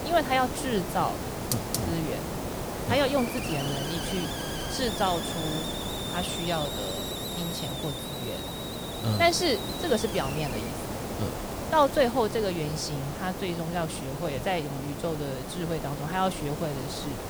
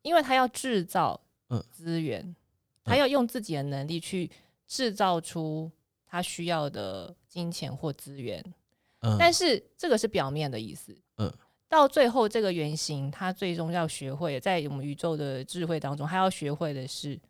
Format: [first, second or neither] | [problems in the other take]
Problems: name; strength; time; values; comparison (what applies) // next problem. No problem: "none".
second | hiss; loud; throughout; 4 dB below the speech